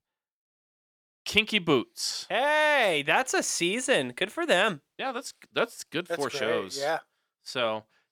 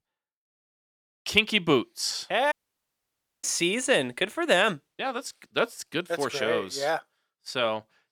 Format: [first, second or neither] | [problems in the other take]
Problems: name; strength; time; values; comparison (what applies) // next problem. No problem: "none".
first | audio cutting out; at 2.5 s for 1 s